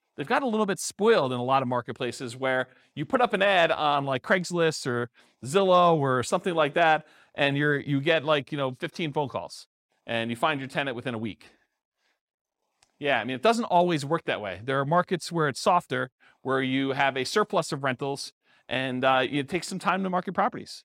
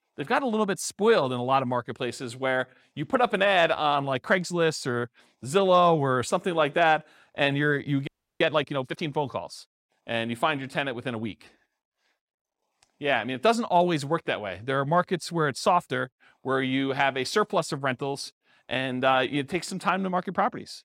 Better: first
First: none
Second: audio freezing; at 8 s

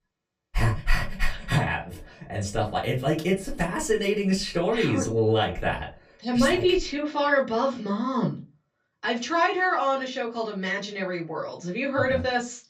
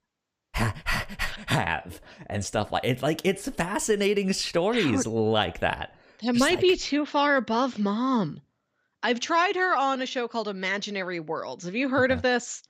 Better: second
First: off-mic speech; far // room echo; very slight; dies away in 0.2 s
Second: none

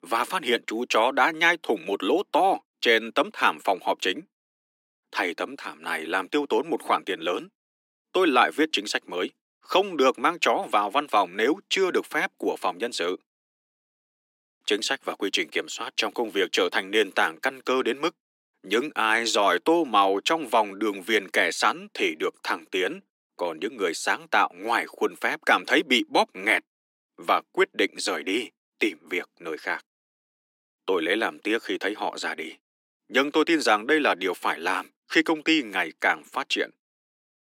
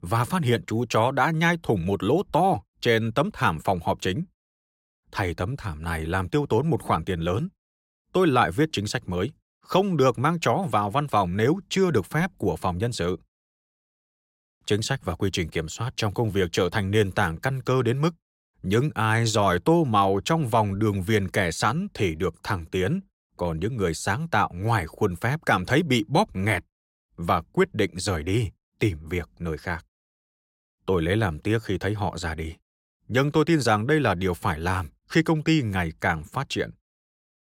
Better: second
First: thin; somewhat; fading below 250 Hz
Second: none

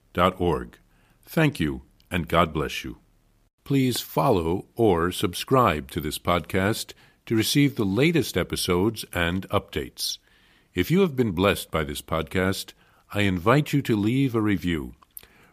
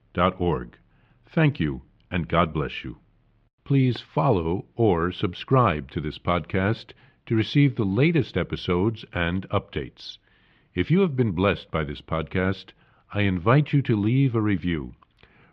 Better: first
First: none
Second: muffled; slightly; fading above 3.5 kHz

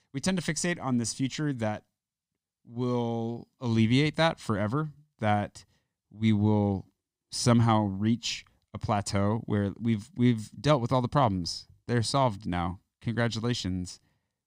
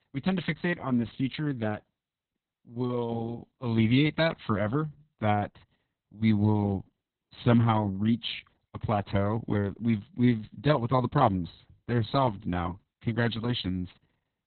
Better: first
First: none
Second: garbled, watery; badly; nothing above 4 kHz

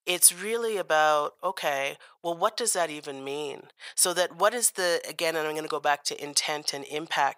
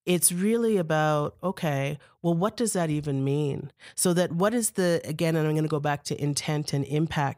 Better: second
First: thin; very; fading below 750 Hz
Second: none

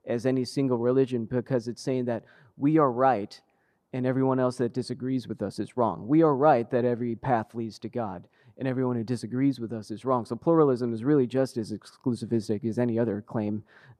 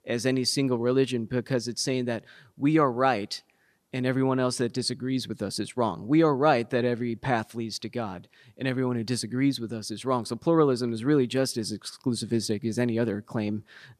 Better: second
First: muffled; slightly; fading above 1.5 kHz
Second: none

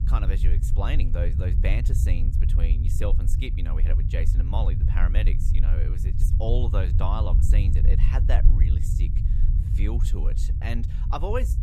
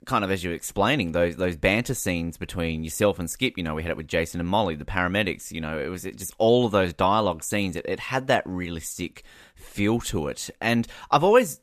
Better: second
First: low rumble; loud; throughout; 6 dB below the speech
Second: none

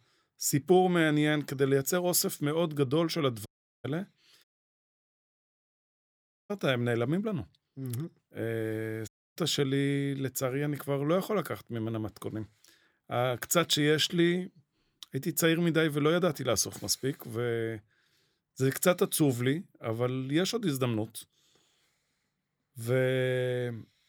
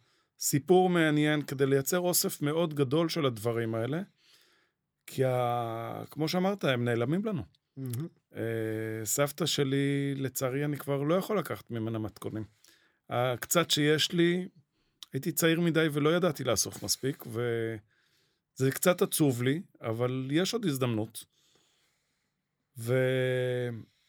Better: second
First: audio cutting out; at 3.5 s, at 4.5 s for 2 s and at 9 s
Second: none

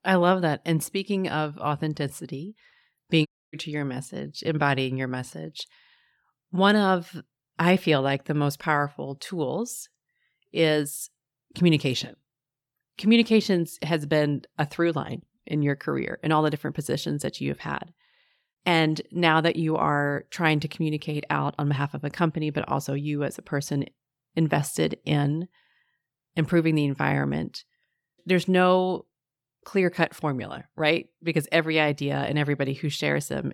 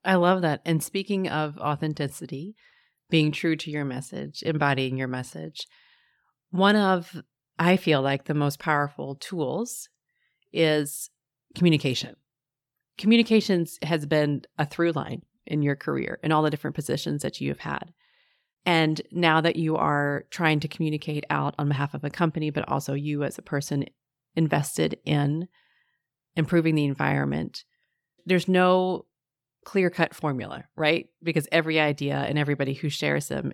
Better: second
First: audio cutting out; at 3.5 s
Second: none

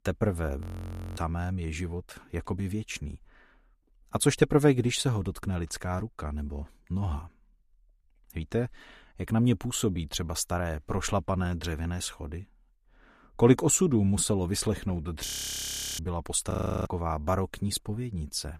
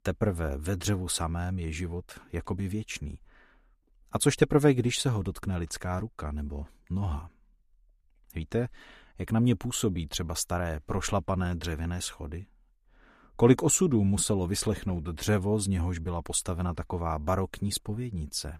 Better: second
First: audio freezing; at 0.5 s for 0.5 s, at 15 s for 0.5 s and at 17 s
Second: none

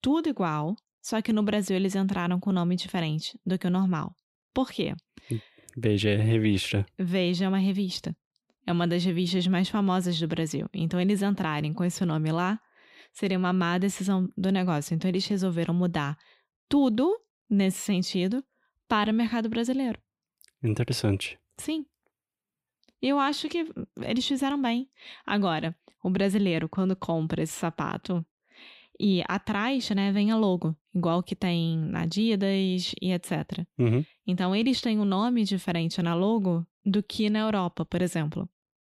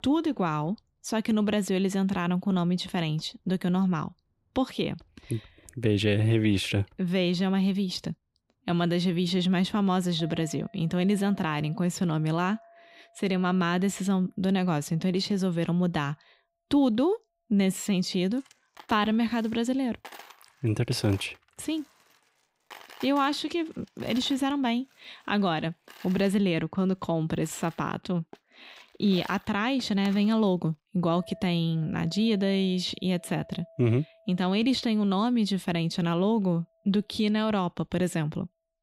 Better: first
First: none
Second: household noises; faint; throughout; 25 dB below the speech

